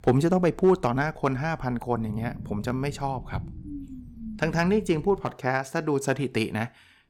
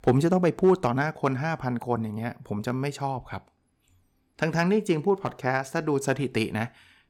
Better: second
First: low rumble; faint; until 5 s; 20 dB below the speech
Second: none

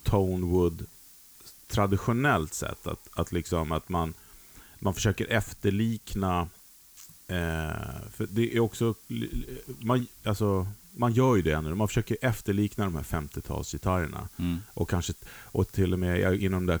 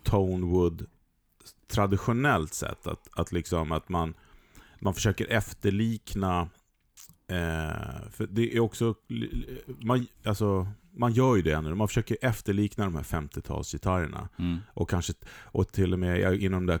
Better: second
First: hiss; faint; throughout; 20 dB below the speech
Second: none

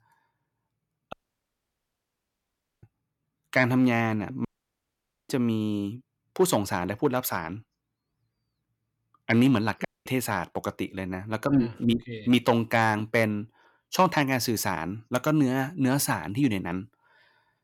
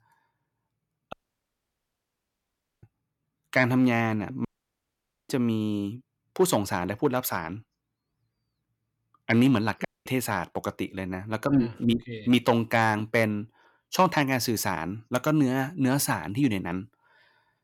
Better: neither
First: audio cutting out; at 1 s for 1.5 s, at 4.5 s for 1 s and at 10 s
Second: audio cutting out; at 1 s for 1.5 s, at 4.5 s for 1 s and at 10 s

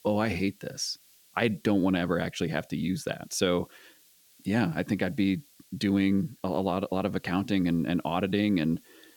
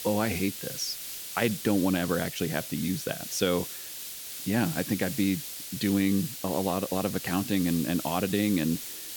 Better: first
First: hiss; faint; throughout; 30 dB below the speech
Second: hiss; loud; throughout; 7 dB below the speech

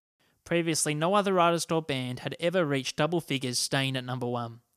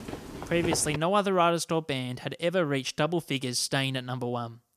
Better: first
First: none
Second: footsteps; noticeable; at the start; peak 5 dB below the speech

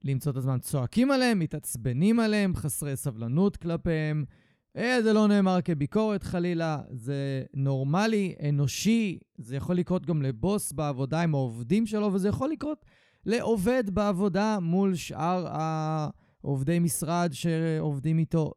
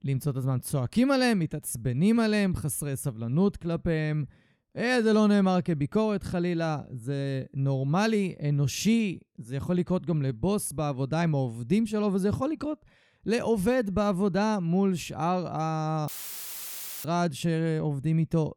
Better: first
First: none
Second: audio cutting out; filled with static; at 16 s for 1 s

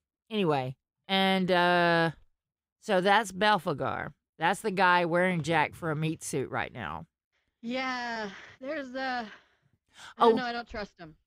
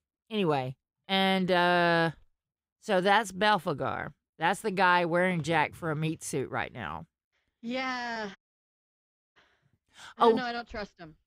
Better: first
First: none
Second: audio cutting out; at 8.5 s for 1 s

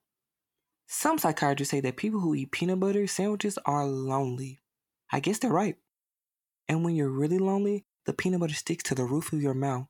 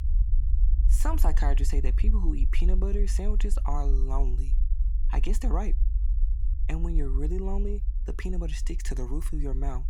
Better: first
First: none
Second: low rumble; noticeable; throughout; 15 dB below the speech

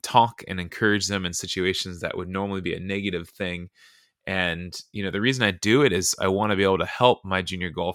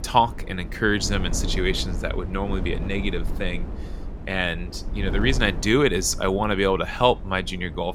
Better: first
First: none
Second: wind noise on the microphone; occasional gusts; 15 dB below the speech

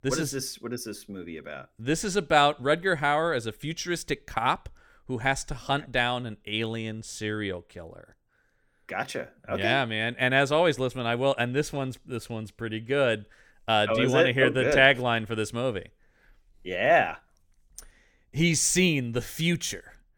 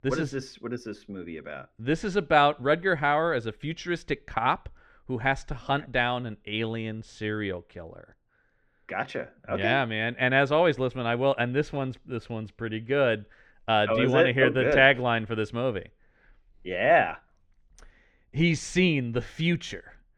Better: first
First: none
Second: muffled; slightly; fading above 3 kHz

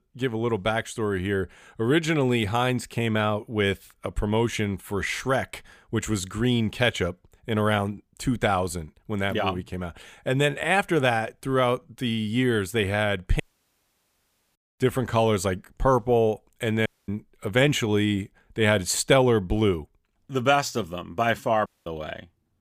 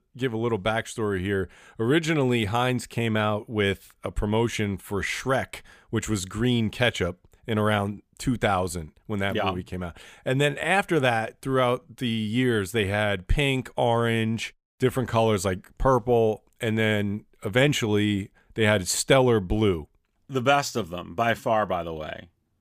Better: second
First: audio cutting out; at 13 s for 1 s, at 17 s and at 22 s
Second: none

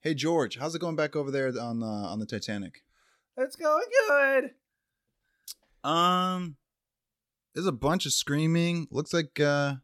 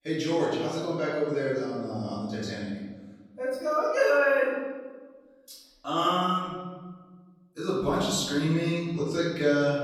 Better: first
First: none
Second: room echo; noticeable; dies away in 1.3 s // off-mic speech; far

